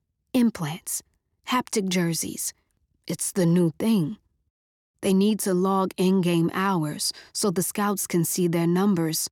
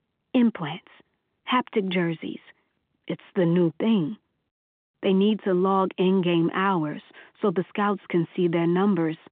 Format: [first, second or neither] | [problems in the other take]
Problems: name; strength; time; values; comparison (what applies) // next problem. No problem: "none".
first | phone-call audio